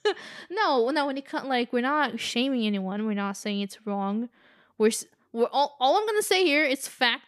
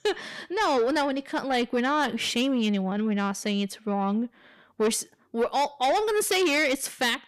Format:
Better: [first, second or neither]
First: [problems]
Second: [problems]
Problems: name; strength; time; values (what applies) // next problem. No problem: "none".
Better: first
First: none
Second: distortion; slight; 10 dB below the speech